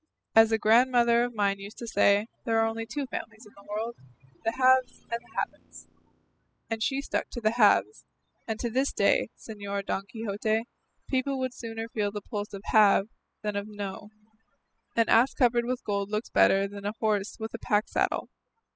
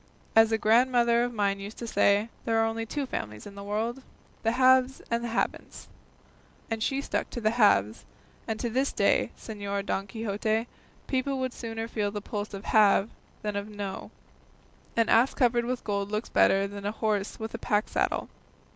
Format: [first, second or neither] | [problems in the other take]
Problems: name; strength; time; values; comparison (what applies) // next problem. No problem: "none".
second | noise reduction (classical method spectral subtraction)